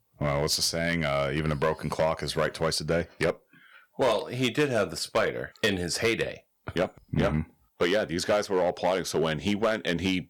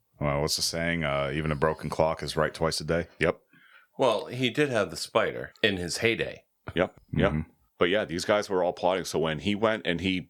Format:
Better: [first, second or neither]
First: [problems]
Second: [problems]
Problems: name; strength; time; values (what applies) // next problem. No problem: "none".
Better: second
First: distortion; slight; 4% of the sound clipped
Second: none